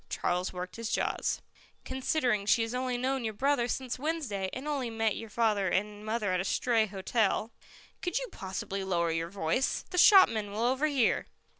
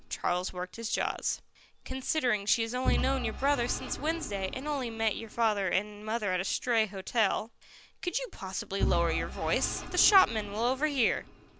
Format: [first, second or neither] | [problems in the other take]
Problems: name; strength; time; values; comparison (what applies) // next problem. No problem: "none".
first | background sound (Engine / Vehicle); 8 dB below the speech